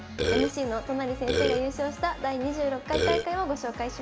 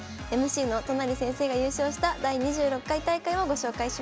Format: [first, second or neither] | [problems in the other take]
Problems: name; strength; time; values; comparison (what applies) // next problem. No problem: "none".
second | background sound (Burping, eructation); 4 dB above the speech // room echo; dies away in 1.3 s